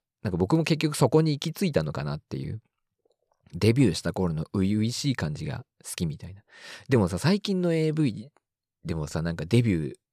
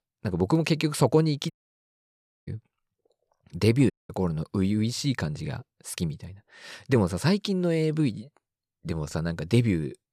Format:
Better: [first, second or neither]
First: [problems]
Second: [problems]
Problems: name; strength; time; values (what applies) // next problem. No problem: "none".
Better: first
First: none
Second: audio cutting out; at 1.5 s for 1 s and at 4 s